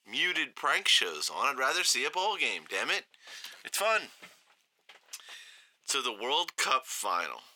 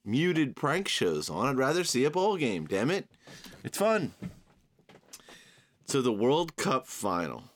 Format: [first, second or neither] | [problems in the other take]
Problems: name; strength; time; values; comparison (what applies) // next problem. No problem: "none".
second | thin; very; fading below 950 Hz